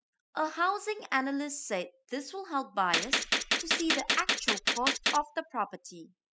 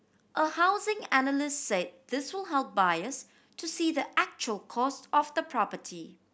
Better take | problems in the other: second | noise reduction (classical method spectral subtraction)

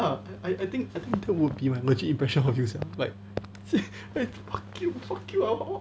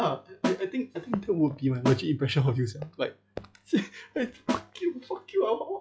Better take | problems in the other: first | noise reduction (classical method log-MMSE)

